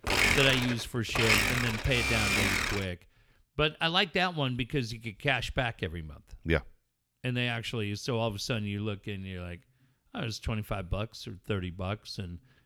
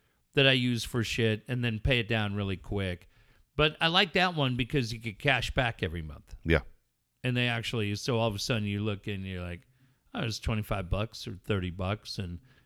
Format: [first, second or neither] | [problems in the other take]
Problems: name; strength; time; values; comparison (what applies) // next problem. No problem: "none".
second | household noises; very loud; until 3 s; 4 dB above the speech